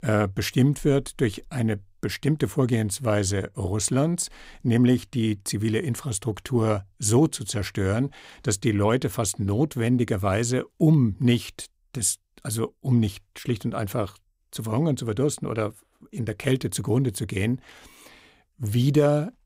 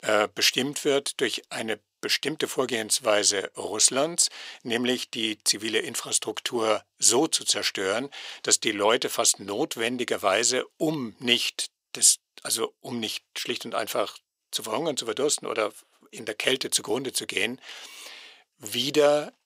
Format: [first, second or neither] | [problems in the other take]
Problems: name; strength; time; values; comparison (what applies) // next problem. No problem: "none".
first | thin; very; fading below 500 Hz